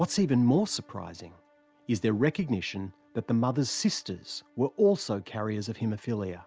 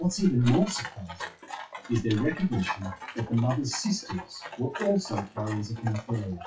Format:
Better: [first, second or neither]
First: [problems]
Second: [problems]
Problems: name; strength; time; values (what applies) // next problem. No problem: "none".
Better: first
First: none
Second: noise reduction (classical method WPE with log-MMSE)